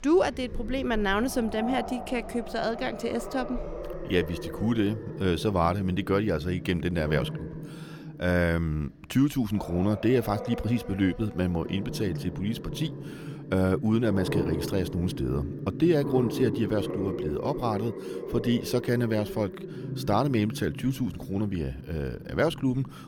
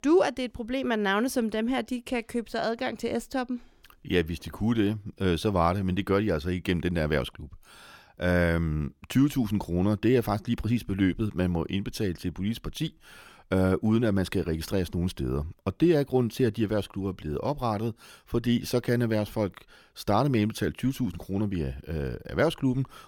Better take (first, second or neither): second